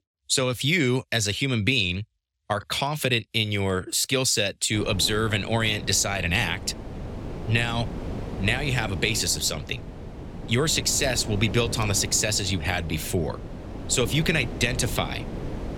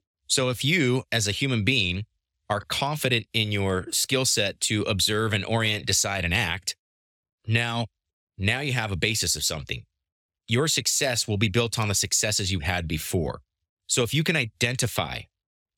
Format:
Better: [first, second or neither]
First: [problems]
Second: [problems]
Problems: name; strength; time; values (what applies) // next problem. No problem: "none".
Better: second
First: wind noise on the microphone; occasional gusts; from 4.5 s on; 15 dB below the speech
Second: none